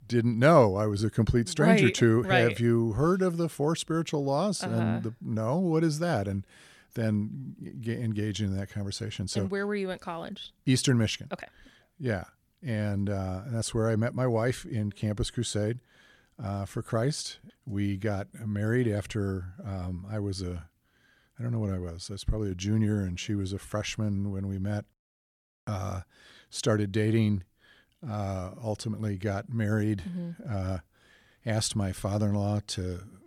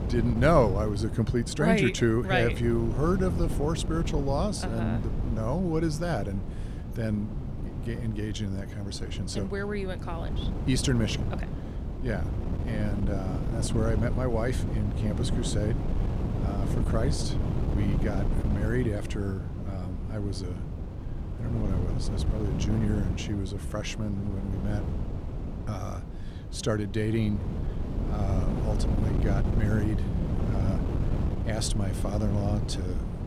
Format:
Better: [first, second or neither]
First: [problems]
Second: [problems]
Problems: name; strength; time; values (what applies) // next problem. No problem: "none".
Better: first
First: none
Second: wind noise on the microphone; heavy; 8 dB below the speech